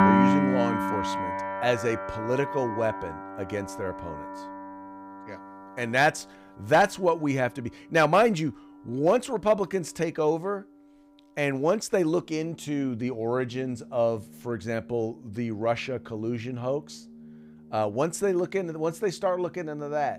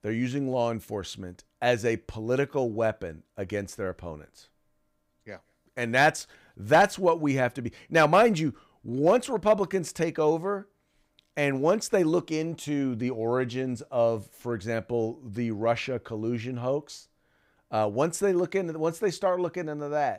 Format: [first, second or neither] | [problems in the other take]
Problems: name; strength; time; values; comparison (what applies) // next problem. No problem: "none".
second | background music; loud; throughout; 3 dB below the speech